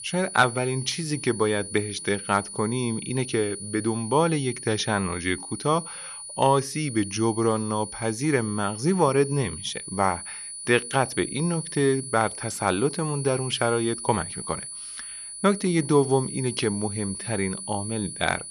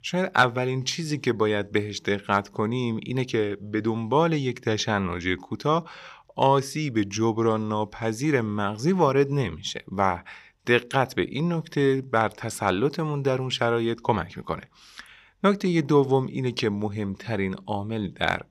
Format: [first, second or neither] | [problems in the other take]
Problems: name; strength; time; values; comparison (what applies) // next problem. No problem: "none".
second | high-pitched whine; loud; throughout; 10 kHz, 9 dB below the speech